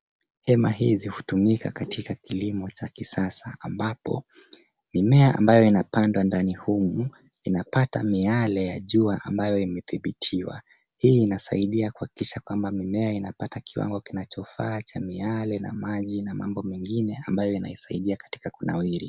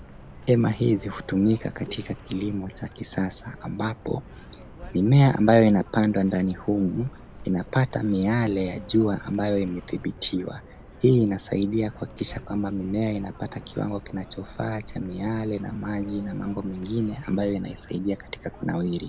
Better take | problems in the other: first | background sound (Car); 18 dB below the speech

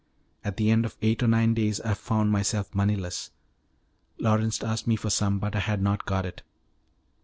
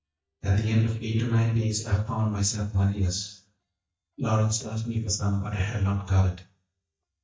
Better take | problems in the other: first | noise reduction (neural mask model DeepFilterNet 3)

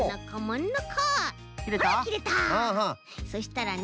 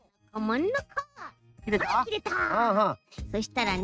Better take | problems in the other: first | noise reduction (neural mask model RNNoise)

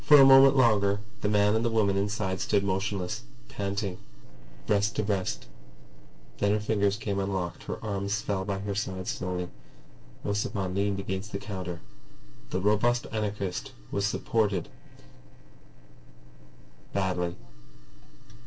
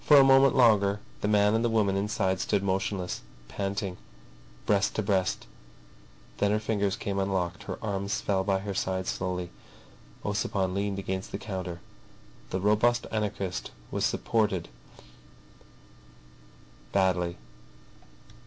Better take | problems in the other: second | noise reduction (neural separator model SepFormer DNS4)

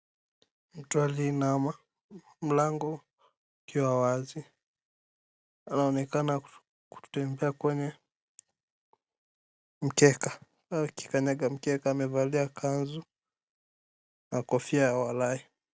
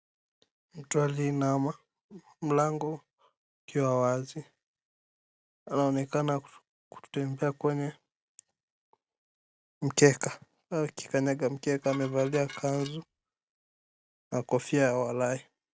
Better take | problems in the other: first | background sound (Dishes, pots, and pans); 17 dB below the speech

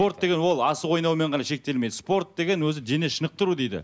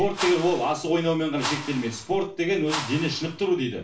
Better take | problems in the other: first | background sound (Whoosh, swoosh, swish); 11 dB below the speech // room echo; dies away in 0.3 s

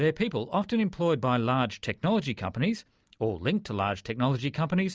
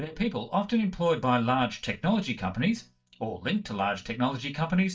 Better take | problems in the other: first | noise reduction (neural mask model DeepFilterNet 3)

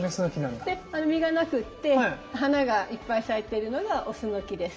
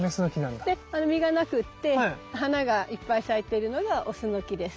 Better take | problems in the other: second | room echo; dies away in 2.8 s

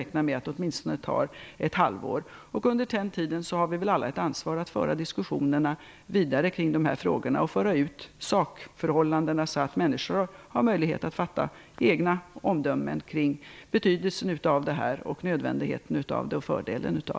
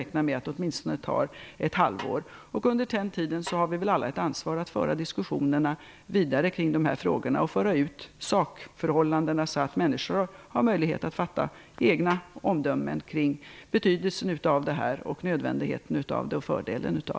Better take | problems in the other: first | background sound (Snare drum); 19 dB below the speech

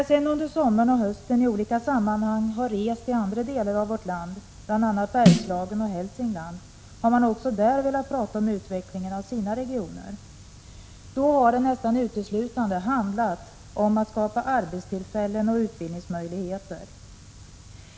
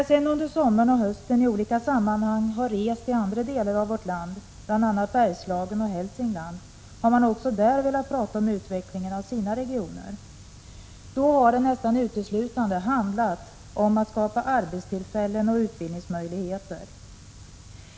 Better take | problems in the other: second | background sound (Snare drum); 2 dB above the speech

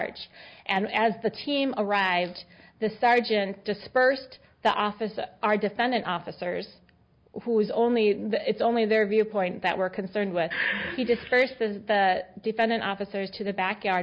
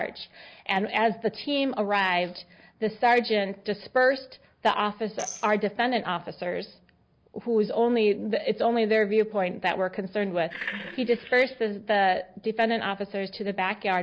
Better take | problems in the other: first | noise reduction (neural separator model SepFormer DNS4)

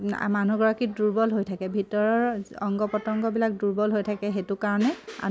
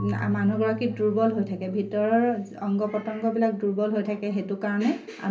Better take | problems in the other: first | background sound (Marimba, xylophone / Wood); 15 dB below the speech // room echo; dies away in 0.3 s

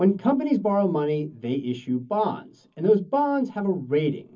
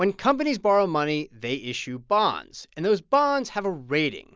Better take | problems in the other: second | room echo; dies away in 0.3 s

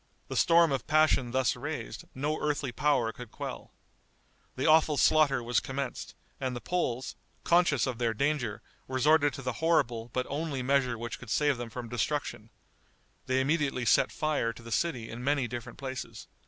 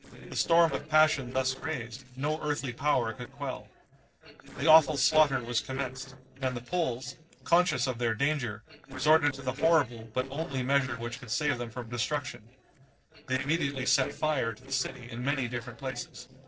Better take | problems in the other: first | noise reduction (neural separator model SepFormer DNS4)

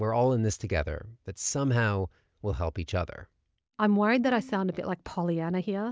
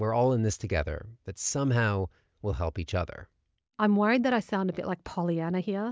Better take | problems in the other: second | background sound (Bowed string instrument); 19 dB below the speech

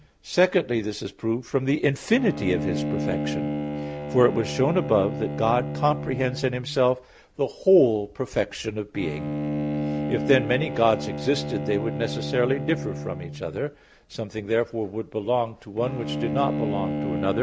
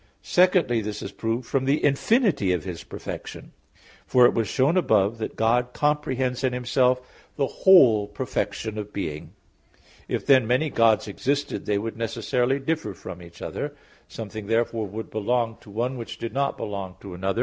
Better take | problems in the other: second | background sound (Bowed string instrument); 6 dB below the speech

